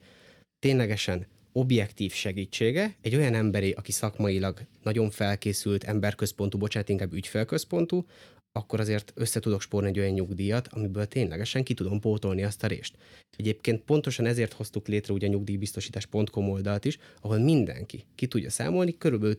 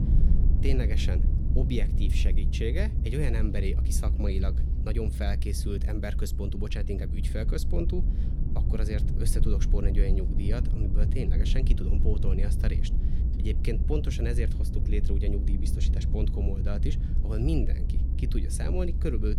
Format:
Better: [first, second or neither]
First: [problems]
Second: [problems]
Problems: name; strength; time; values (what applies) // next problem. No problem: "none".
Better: first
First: none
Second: low rumble; loud; throughout; 6 dB below the speech